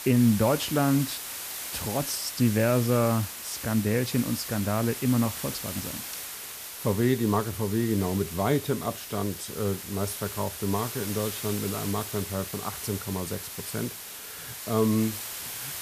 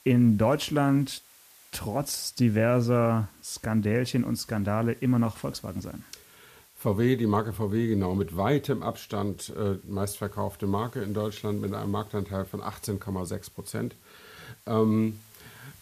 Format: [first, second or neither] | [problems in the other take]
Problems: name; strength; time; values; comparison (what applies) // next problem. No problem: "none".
second | hiss; loud; throughout; 7 dB below the speech; faint in the second